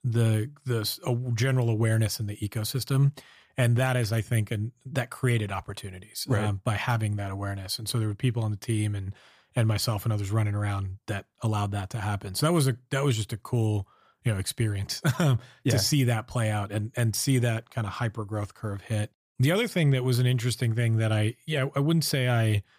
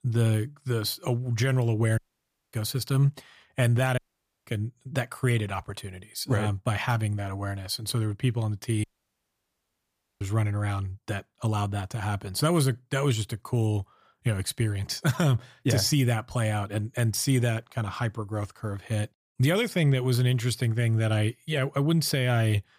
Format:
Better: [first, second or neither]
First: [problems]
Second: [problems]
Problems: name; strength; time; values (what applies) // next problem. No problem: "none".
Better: first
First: none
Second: audio cutting out; at 2 s for 0.5 s, at 4 s and at 9 s for 1.5 s